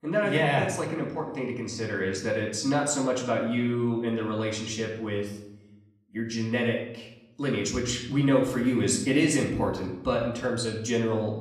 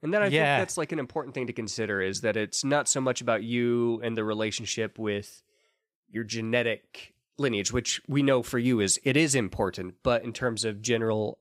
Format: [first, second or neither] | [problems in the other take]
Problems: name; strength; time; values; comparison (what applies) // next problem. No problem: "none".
second | off-mic speech; far // room echo; slight; dies away in 0.8 s